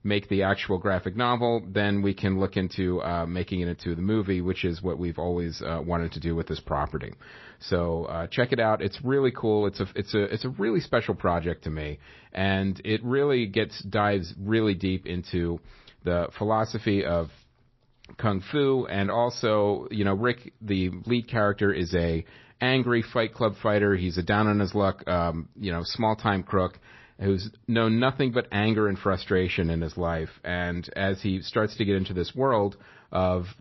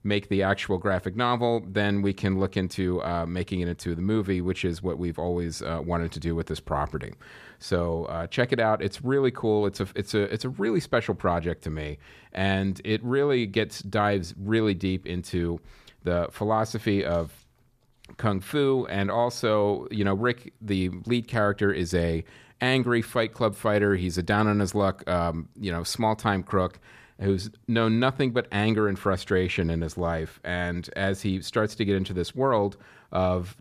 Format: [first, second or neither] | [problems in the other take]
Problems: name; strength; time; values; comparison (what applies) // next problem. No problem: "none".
second | garbled, watery; slightly; nothing above 5.5 kHz